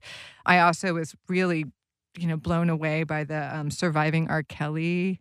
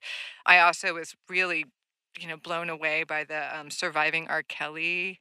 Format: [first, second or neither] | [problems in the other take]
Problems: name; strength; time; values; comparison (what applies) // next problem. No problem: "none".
first | thin; very; fading below 550 Hz